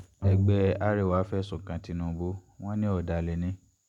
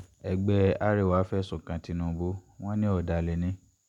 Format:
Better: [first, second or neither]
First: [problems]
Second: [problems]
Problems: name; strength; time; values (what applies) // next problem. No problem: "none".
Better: second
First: background sound (Bowed string instrument); 4 dB below the speech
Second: none